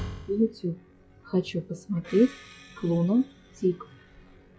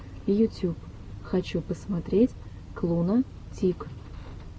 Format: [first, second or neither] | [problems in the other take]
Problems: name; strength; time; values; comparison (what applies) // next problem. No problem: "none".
second | noise reduction (classical method log-MMSE)